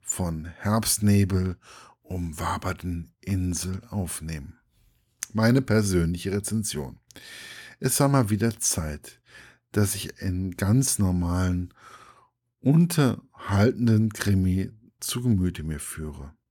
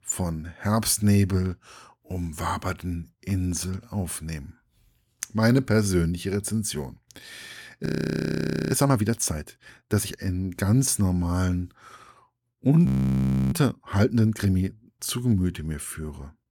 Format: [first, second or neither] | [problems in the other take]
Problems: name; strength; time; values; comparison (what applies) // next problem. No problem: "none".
first | audio freezing; at 8 s for 1 s and at 13 s for 0.5 s